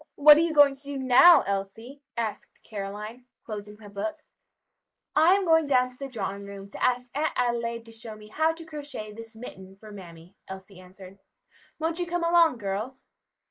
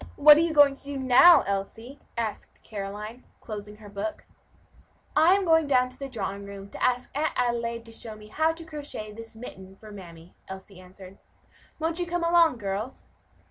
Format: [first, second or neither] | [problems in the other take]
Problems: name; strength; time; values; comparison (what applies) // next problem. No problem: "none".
second | noise reduction (neural mask model Resemble Enhance denoiser)